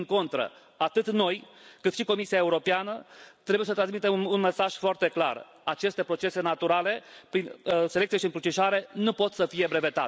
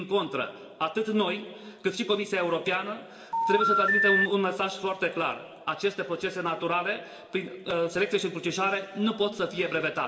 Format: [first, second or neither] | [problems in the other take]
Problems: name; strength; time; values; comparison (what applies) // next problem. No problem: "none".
first | background sound (Telephone); 5 dB above the speech // room echo; dies away in 1.6 s